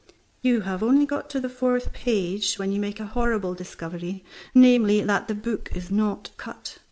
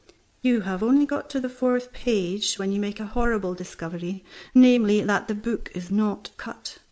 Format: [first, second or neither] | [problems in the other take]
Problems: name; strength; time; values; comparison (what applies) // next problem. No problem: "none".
second | background sound (Thump, thud); 11 dB below the speech